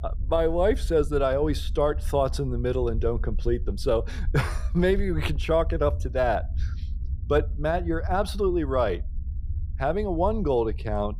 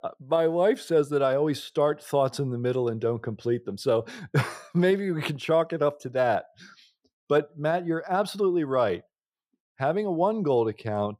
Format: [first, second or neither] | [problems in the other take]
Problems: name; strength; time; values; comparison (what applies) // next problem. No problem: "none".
second | low rumble; faint; throughout; 25 dB below the speech